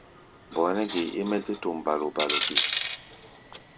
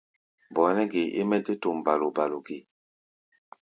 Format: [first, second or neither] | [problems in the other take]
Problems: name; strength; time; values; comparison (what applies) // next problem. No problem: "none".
second | background sound (Coin (dropping)); 3 dB below the speech